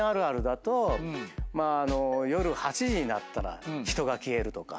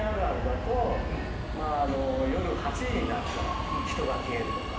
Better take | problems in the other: first | background sound (Subway, metro, underground); 1 dB below the speech // room echo; dies away in 0.8 s

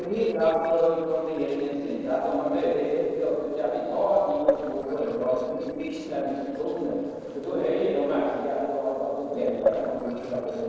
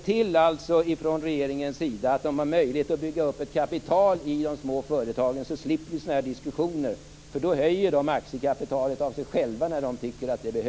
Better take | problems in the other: second | noise reduction (neural separator model SepFormer DNS4)

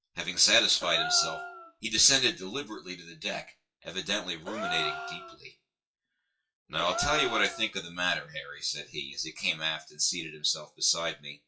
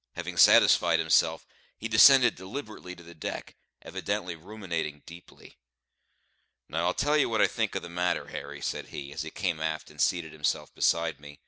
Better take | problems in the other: second | noise reduction (classical method WPE with log-MMSE)

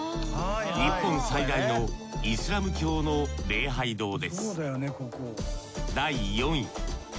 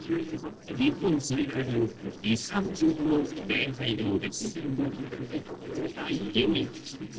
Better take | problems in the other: first | noise reduction (neural separator model SepFormer DNS4)

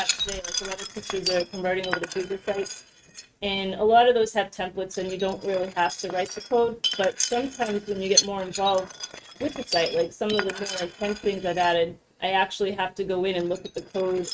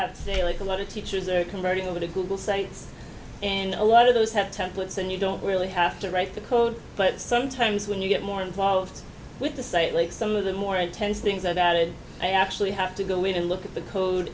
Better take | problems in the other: second | noise reduction (neural mask model RNNoise)

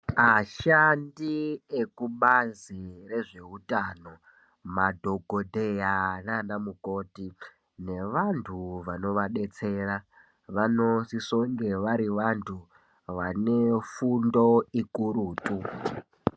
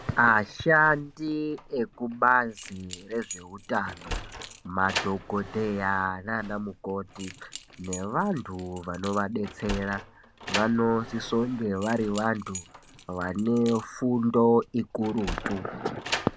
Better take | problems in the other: first | background sound (Keys jangling + Sliding door); 13 dB below the speech

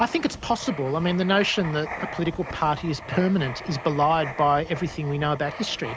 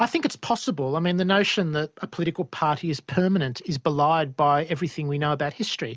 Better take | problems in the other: second | background sound (Writing); 12 dB below the speech

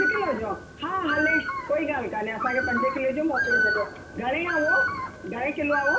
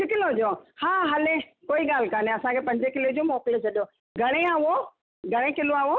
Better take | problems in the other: second | background sound (Bird); as loud as the speech // room echo; dies away in 0.4 s

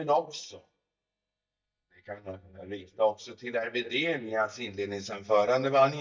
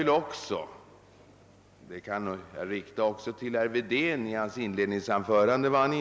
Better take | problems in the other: second | noise reduction (neural mask model DeepFilterNet 3)

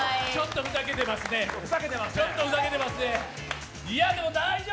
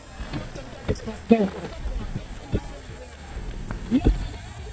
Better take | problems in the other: first | noise reduction (neural mask model DeepFilterNet 3)

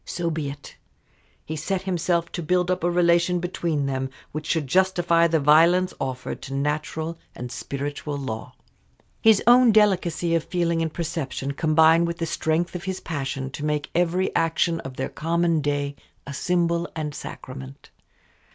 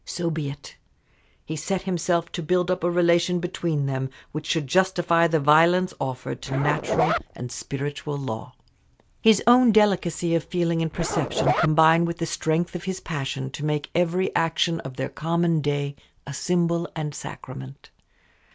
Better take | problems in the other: first | background sound (Zipper (clothing)); 3 dB below the speech

